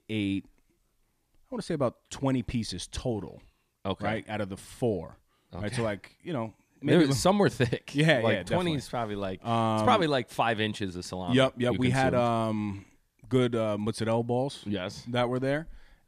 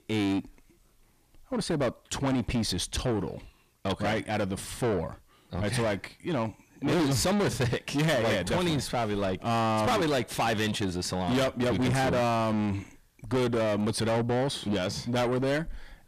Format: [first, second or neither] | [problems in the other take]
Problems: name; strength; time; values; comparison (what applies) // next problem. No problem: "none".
first | distortion; heavy; 6 dB below the speech